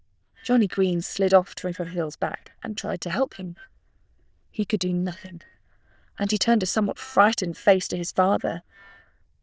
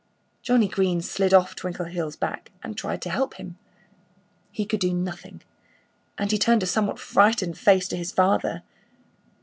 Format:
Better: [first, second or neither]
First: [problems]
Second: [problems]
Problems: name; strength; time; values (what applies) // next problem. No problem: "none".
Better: second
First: noise reduction (neural diffusion model UNIVERSE++)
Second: none